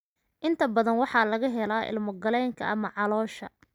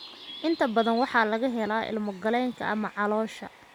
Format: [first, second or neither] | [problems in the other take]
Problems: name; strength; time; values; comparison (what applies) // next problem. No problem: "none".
first | background sound (Bird); 19 dB below the speech